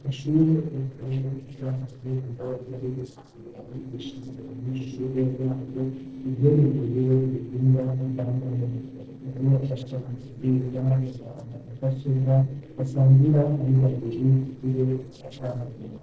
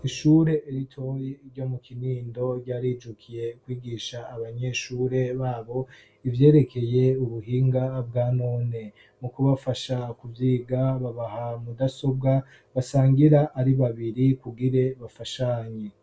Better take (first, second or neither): second